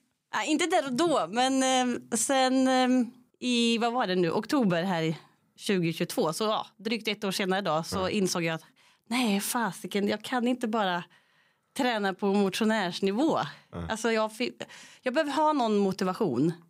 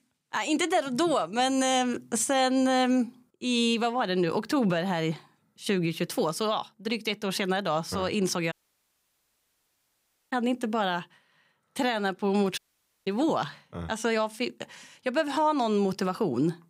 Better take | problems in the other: first | audio cutting out; at 8.5 s for 2 s and at 13 s

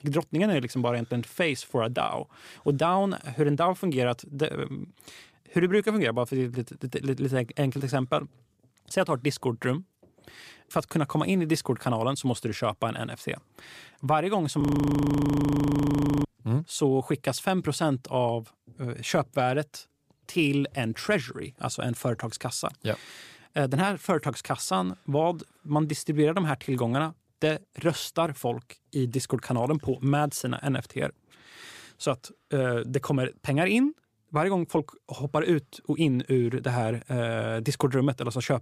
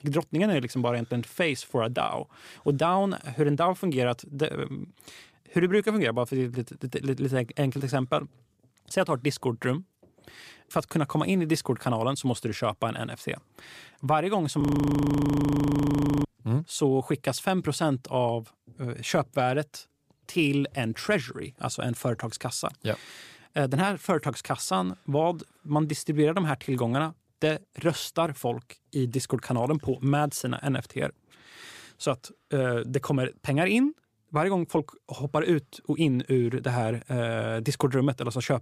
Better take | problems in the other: neither | audio freezing; at 15 s for 1.5 s; the same in both

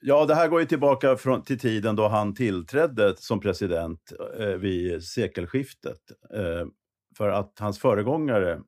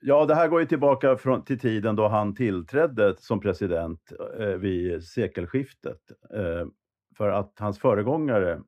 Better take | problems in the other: first | muffled; slightly; fading above 3.5 kHz

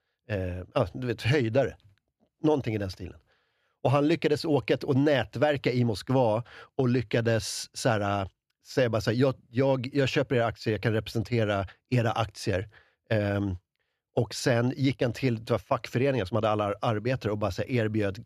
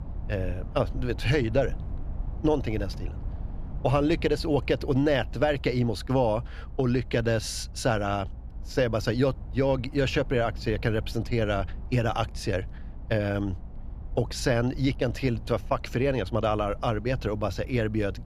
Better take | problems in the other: first | low rumble; faint; throughout; 25 dB below the speech

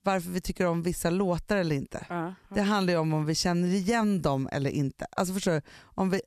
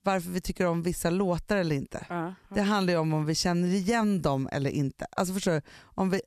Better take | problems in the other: neither | none

